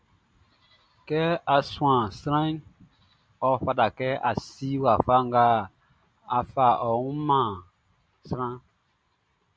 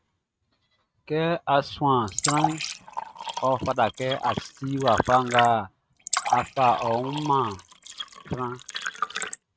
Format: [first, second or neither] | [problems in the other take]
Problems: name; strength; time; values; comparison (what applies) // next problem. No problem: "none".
first | noise reduction (neural mask model RNNoise)